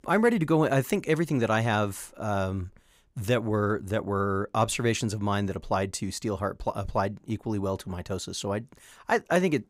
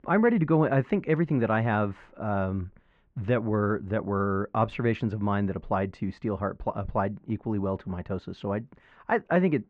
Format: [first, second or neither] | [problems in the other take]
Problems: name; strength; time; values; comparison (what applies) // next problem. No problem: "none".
first | muffled; very; fading above 2.5 kHz